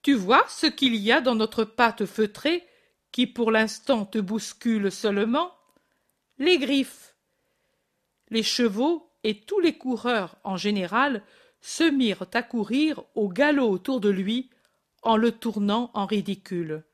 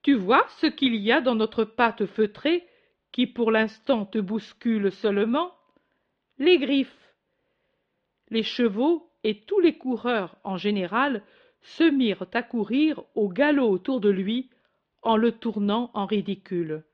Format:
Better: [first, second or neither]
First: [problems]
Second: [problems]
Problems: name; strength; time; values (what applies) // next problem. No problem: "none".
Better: first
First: none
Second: muffled; slightly; fading above 3.5 kHz